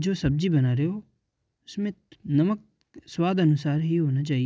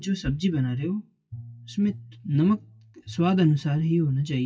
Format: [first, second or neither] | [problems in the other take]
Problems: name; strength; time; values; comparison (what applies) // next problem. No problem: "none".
first | noise reduction (classical method WPE with log-MMSE)